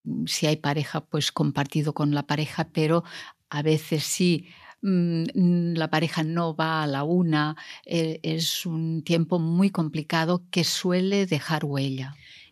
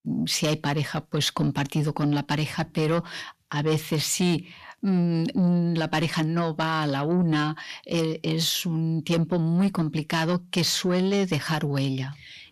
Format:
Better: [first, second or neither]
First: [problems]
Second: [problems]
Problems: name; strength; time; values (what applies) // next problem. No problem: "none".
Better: first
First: none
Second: distortion; slight; 10 dB below the speech